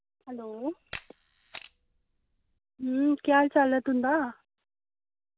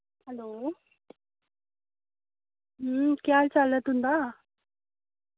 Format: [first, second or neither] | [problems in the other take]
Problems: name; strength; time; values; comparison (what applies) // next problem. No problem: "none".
second | background sound (Camera); 19 dB below the speech